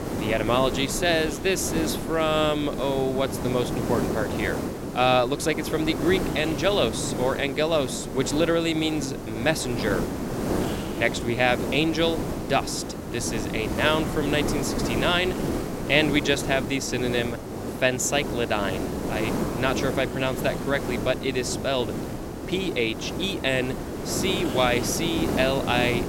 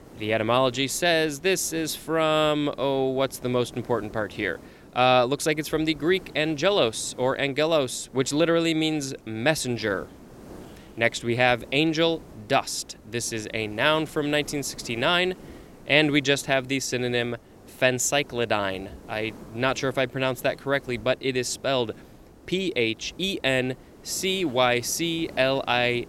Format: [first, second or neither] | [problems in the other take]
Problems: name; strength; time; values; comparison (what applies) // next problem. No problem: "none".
second | hiss; loud; throughout; 4 dB below the speech; faint in the second